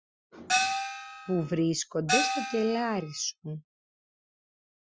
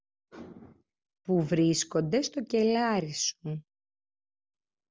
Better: second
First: noise reduction (classical method Wiener filter)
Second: none

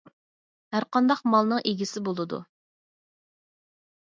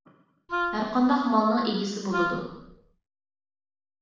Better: first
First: none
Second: background sound (Wind instrument, woodwind instrument); 5 dB below the speech // room echo; dies away in 0.9 s

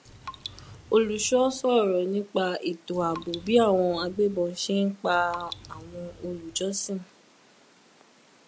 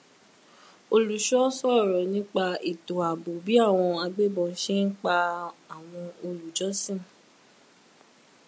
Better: second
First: background sound (Raindrop); 19 dB below the speech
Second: none

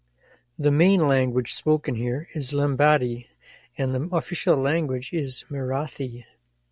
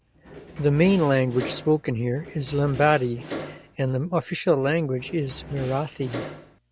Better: first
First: none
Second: background sound (Door); 14 dB below the speech

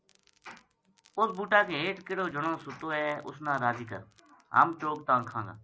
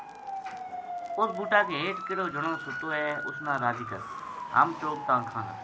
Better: first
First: none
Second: background sound (Motor vehicle (road) / Siren); 7 dB below the speech

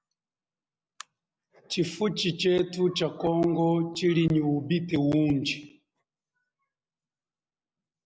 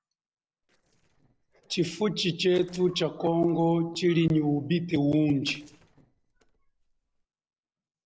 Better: first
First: none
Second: noise reduction (neural separator model SepFormer DNS4)

